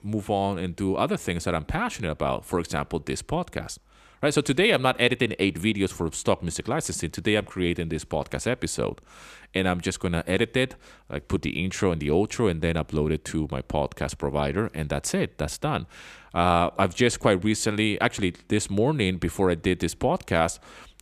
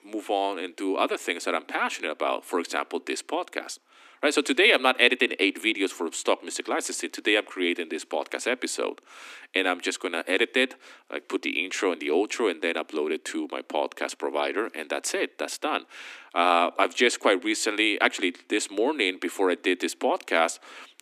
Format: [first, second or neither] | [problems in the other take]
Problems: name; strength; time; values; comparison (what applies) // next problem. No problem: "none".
first | thin; somewhat; fading below 250 Hz